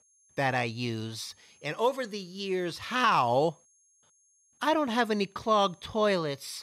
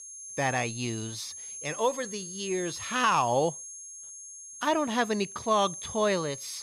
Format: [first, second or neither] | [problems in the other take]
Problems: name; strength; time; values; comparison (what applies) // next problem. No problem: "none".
first | high-pitched whine; loud; throughout; 6.5 kHz, 10 dB below the speech; faint in the first